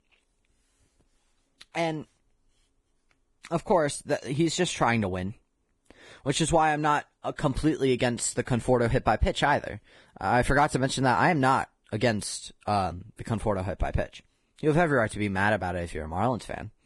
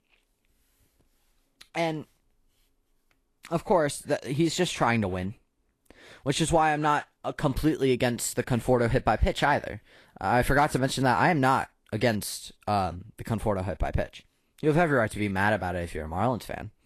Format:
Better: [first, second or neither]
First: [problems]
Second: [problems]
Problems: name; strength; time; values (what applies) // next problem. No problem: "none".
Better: second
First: garbled, watery; badly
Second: garbled, watery; slightly; nothing above 13 kHz